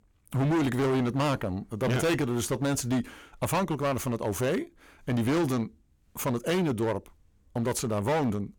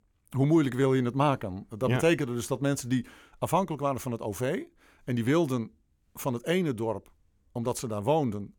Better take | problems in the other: second | distortion; heavy; 17% of the sound clipped

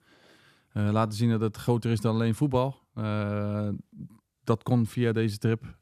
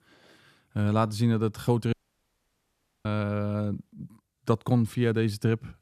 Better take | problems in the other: first | audio cutting out; at 2 s for 1 s

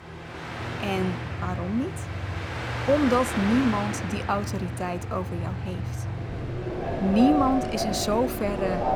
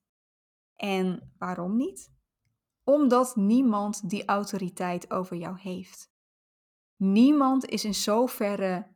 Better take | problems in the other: second | train or aircraft noise; loud; throughout; 4 dB below the speech

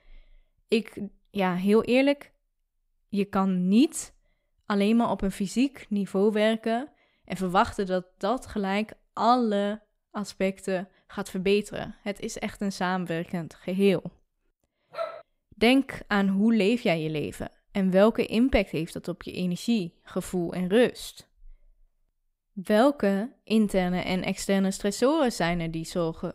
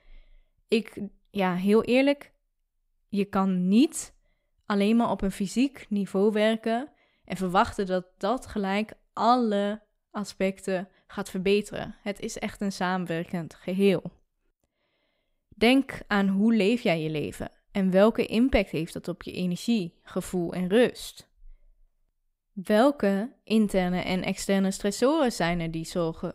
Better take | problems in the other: second | dog barking; noticeable; at 15 s; peak 9 dB below the speech

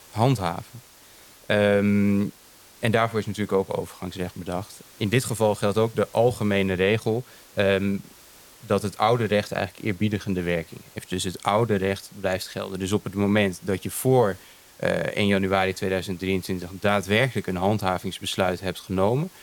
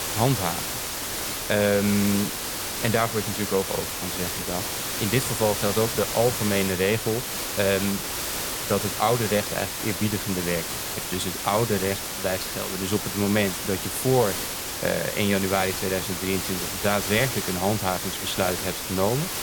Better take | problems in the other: first | hiss; loud; throughout; 2 dB below the speech; faint in the first

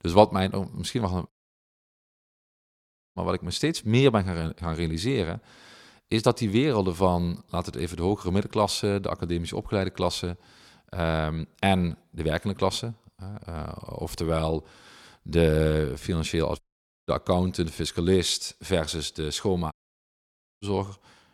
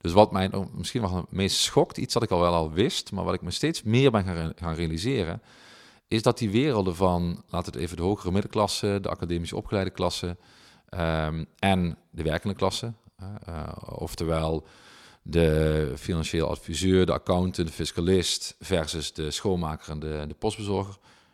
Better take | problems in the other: second | audio cutting out; at 1.5 s for 2 s, at 17 s and at 20 s for 1 s

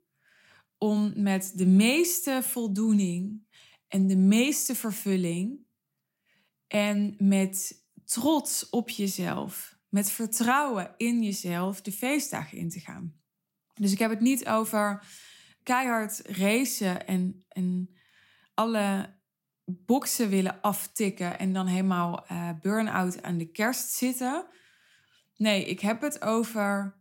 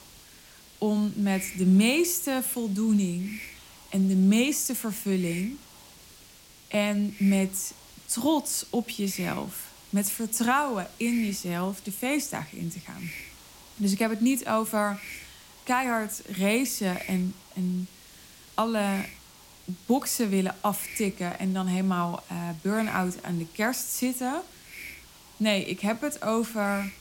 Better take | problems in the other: first | hiss; noticeable; throughout; 20 dB below the speech

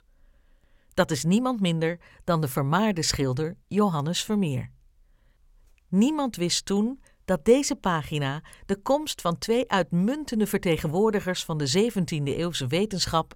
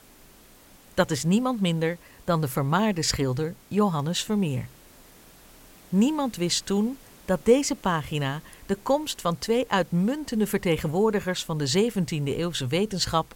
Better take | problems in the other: first | hiss; faint; throughout; 25 dB below the speech

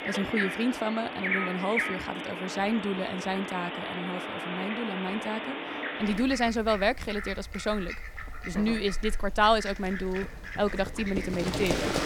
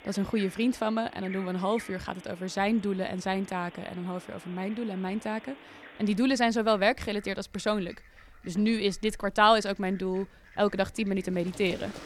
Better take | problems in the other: second | animal sounds; loud; throughout; 4 dB below the speech; faint in the second

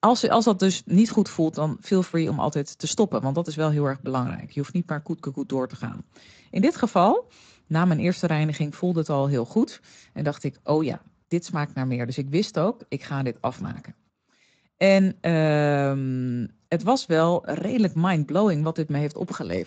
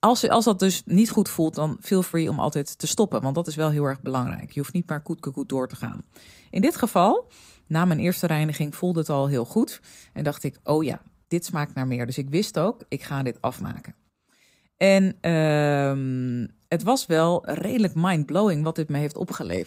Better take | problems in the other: second | garbled, watery; slightly; nothing above 7.5 kHz

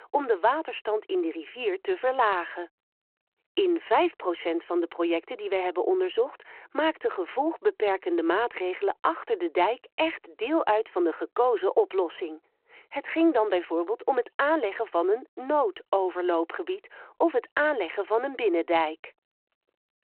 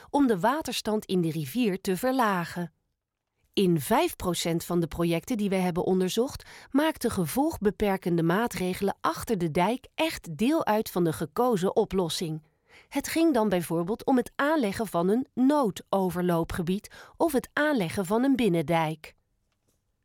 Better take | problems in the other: second | phone-call audio

